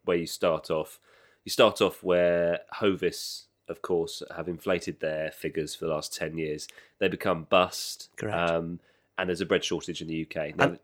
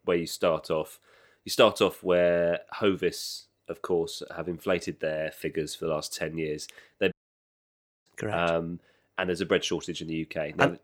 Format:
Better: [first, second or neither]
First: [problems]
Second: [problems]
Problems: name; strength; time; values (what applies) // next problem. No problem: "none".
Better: first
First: none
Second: audio cutting out; at 7 s for 1 s